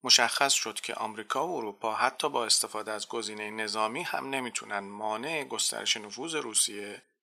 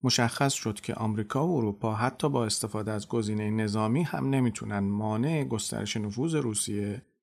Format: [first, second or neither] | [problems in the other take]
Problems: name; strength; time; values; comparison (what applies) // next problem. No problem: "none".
second | thin; very; fading below 650 Hz